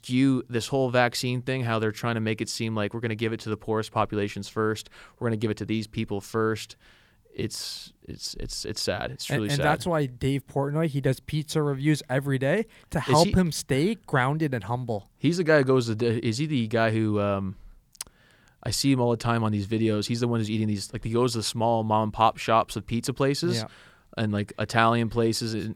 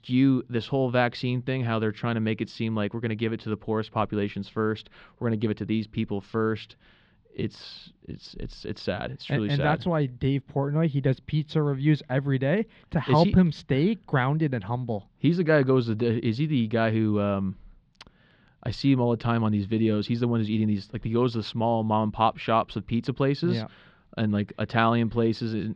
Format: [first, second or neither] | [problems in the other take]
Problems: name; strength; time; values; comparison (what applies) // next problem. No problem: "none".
first | muffled; slightly; fading above 3.5 kHz